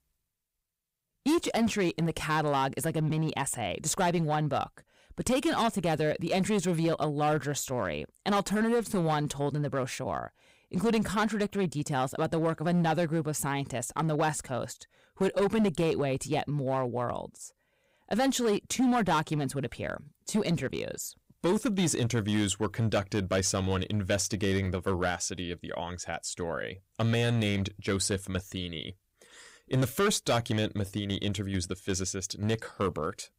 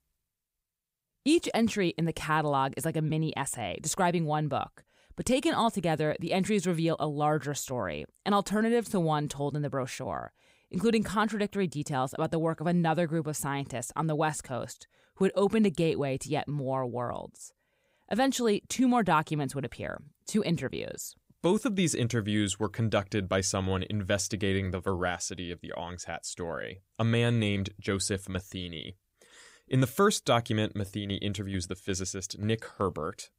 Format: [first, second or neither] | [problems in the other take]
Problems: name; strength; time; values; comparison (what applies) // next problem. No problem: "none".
second | distortion; slight; 7% of the sound clipped